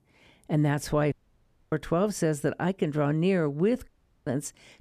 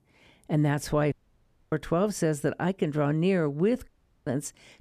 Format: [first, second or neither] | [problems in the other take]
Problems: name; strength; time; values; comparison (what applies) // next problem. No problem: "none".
neither | audio cutting out; at 1 s for 0.5 s and at 4 s; the same in both